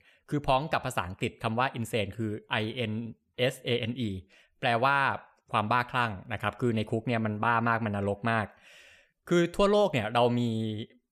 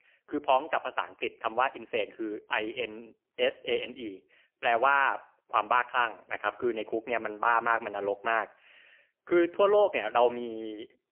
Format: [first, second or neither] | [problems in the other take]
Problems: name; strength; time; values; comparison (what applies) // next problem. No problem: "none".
first | phone-call audio; poor line; nothing above 3 kHz